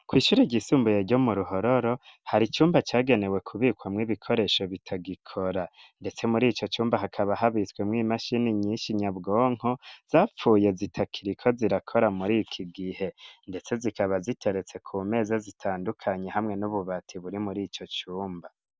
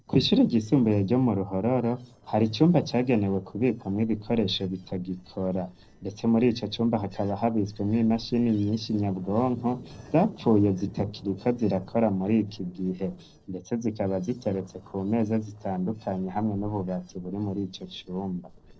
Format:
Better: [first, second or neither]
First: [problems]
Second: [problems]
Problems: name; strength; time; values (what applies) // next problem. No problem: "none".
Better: first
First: none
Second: noise reduction (neural separator model SepFormer DNS4)